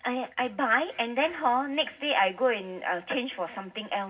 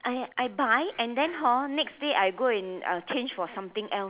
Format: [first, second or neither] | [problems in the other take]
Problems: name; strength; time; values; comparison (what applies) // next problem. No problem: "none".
second | room echo; dies away in 0.4 s